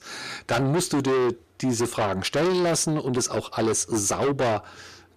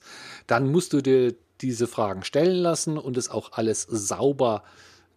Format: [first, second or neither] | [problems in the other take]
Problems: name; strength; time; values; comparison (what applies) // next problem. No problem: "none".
second | distortion; heavy; 5 dB below the speech